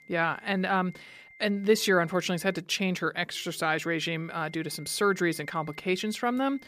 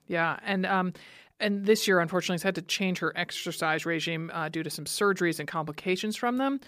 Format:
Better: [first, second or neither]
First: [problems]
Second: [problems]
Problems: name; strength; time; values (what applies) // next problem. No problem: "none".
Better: second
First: high-pitched whine; faint; until 2.5 s and from 4 s on; 2 kHz, 20 dB below the speech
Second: none